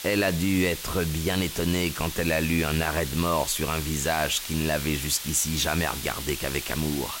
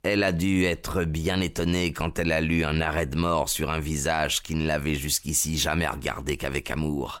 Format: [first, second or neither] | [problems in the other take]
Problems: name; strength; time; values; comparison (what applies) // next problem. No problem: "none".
second | hiss; loud; throughout; 7 dB below the speech